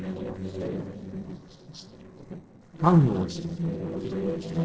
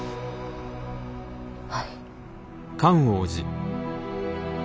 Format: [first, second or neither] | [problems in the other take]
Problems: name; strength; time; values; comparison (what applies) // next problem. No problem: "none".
second | noise reduction (neural separator model SepFormer DNS4)